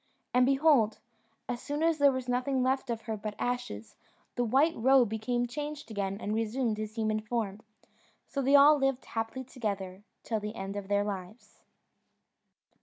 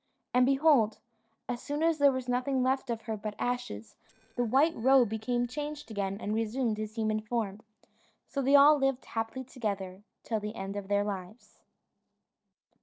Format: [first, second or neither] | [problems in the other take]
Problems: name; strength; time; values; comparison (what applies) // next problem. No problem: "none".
first | noise reduction (neural separator model SepFormer DNS4)